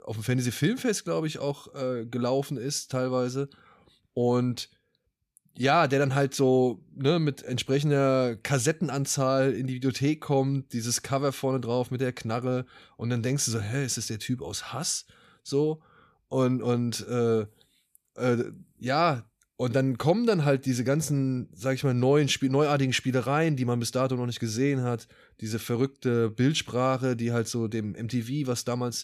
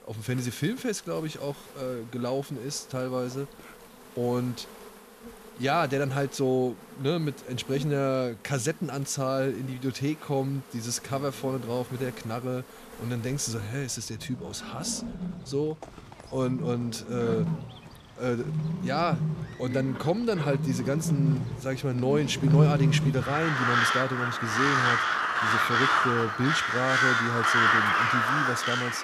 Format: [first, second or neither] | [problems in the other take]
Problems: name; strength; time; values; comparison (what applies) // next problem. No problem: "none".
first | animal sounds; very loud; throughout; 4 dB above the speech